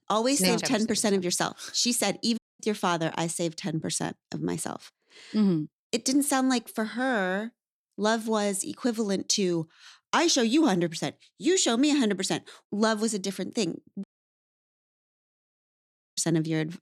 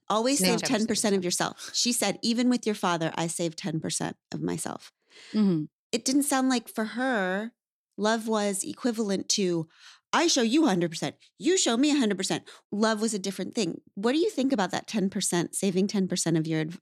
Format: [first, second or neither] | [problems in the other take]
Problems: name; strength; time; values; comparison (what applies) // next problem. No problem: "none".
second | audio cutting out; at 2.5 s and at 14 s for 2 s